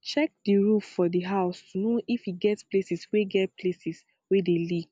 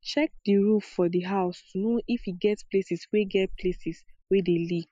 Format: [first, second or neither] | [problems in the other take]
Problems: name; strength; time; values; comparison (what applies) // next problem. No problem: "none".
first | noise reduction (classical method spectral subtraction)